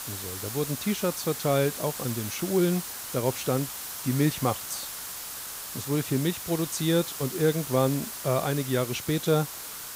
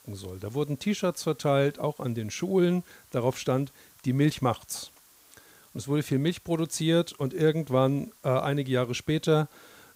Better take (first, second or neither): second